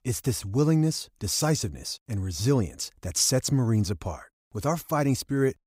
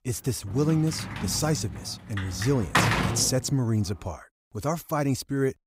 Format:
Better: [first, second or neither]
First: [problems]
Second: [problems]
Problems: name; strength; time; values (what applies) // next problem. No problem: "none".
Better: first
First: none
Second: door banging; loud; until 3.5 s; peak 5 dB above the speech